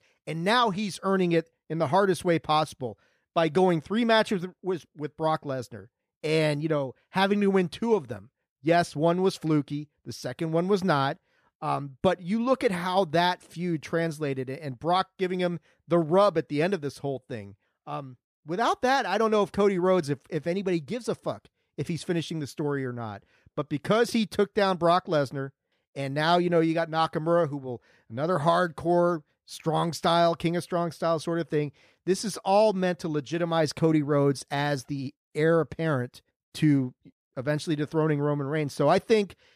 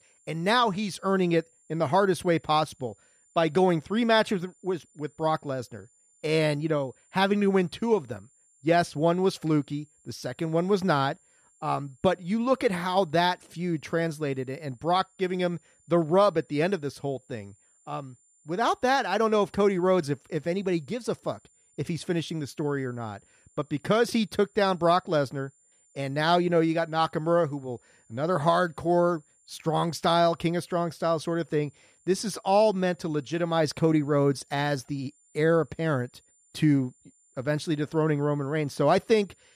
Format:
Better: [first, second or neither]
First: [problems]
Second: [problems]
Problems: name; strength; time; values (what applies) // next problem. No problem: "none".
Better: first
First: none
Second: high-pitched whine; faint; throughout; 7 kHz, 35 dB below the speech